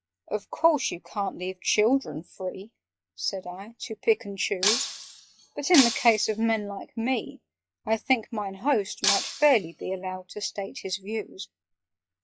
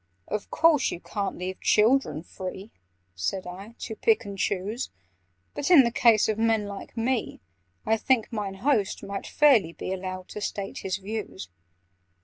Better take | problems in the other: second | noise reduction (classical method log-MMSE)

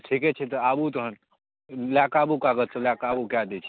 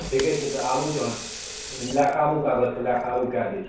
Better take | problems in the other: first | background sound (Sink (filling or washing) / Water tap, faucet); 12 dB below the speech // room echo; dies away in 0.6 s

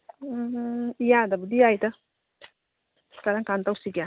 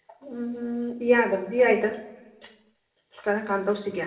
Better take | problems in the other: first | room echo; dies away in 0.9 s

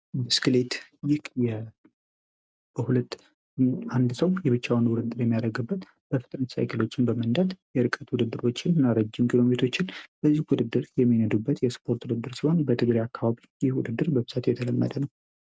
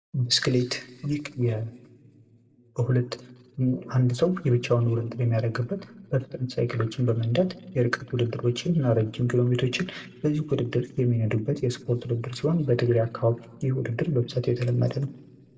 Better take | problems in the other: first | room echo; dies away in 0.9 s

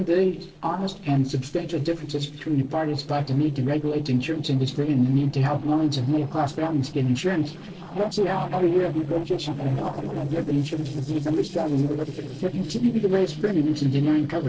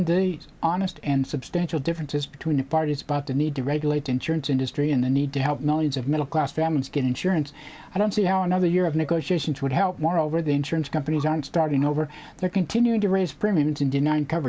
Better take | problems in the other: second | noise reduction (neural separator model SepFormer DNS4)

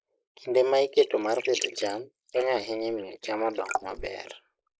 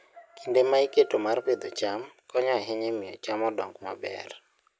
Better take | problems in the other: second | noise reduction (neural mask model Resemble Enhance denoiser)

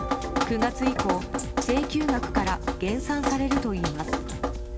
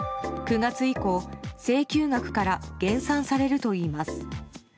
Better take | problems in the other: second | background sound (Drip); as loud as the speech

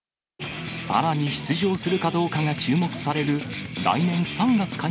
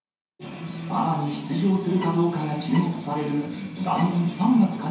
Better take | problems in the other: first | background sound (Bowed string instrument); 15 dB below the speech // room echo; dies away in 0.7 s

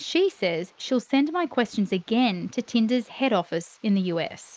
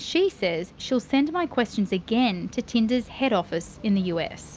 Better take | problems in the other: second | noise reduction (neural mask model Resemble Enhance denoiser)

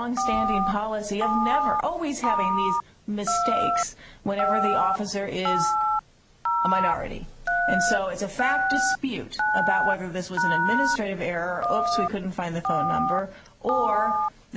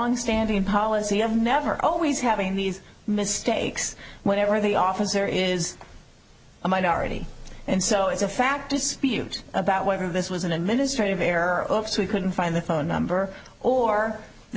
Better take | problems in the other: second | background sound (Telephone); 3 dB above the speech

